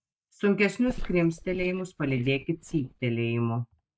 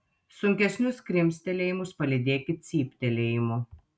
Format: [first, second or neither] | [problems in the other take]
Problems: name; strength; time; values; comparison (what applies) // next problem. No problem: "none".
second | noise reduction (neural mask model DeepFilterNet 3)